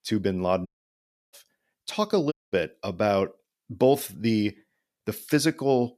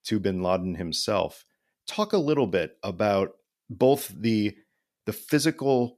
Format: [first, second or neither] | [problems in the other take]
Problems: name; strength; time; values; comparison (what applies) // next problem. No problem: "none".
second | audio cutting out; at 0.5 s for 0.5 s and at 2.5 s